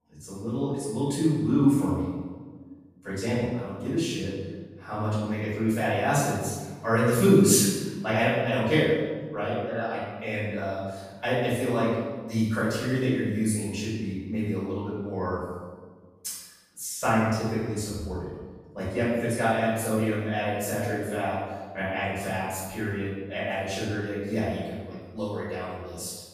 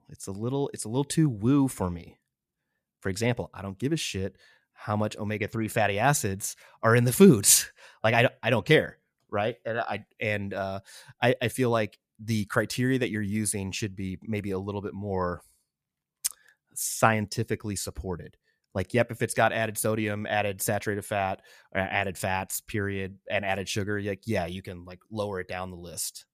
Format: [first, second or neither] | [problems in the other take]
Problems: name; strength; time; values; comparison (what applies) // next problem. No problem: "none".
second | room echo; strong; dies away in 1.2 s // off-mic speech; far